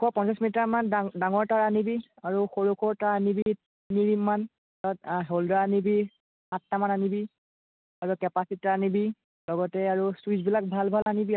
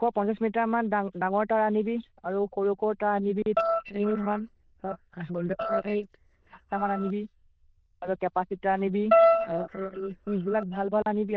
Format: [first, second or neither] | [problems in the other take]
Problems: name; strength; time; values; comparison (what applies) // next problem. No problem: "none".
first | noise reduction (neural diffusion model UNIVERSE++)